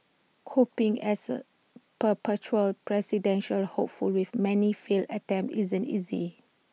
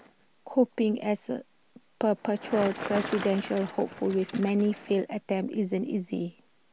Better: first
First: none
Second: background sound (Bicycle); 14 dB below the speech

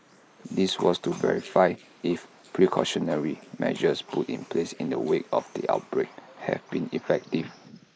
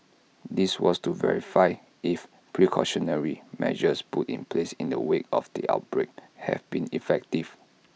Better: second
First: noise reduction (neural mask model Resemble Enhance denoiser)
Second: none

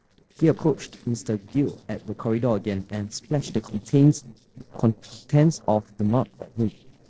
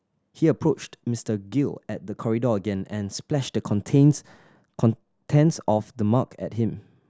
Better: second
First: noise reduction (neural separator model SepFormer DNS4)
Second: none

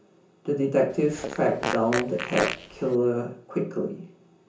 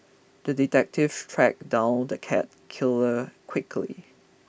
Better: second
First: background sound (Fart); 6 dB below the speech // room echo; dies away in 0.6 s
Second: none

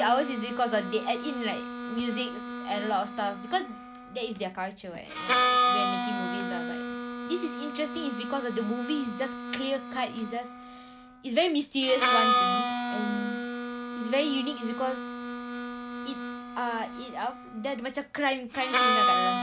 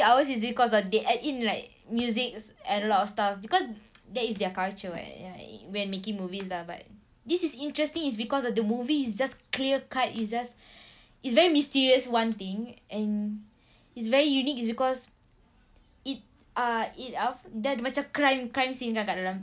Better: second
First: background sound (Harmonica); 1 dB above the speech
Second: none

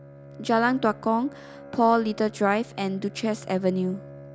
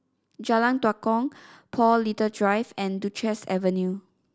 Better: second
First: background sound (Bowed string instrument); 18 dB below the speech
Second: none

